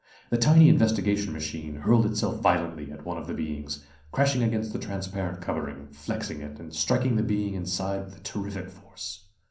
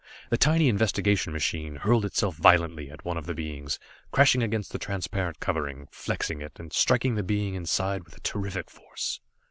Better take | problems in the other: second | room echo; dies away in 0.6 s

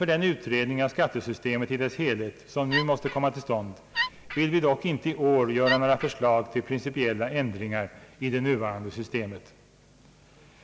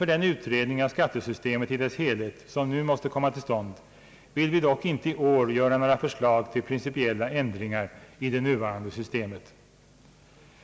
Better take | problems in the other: second | background sound (Wood); 4 dB below the speech

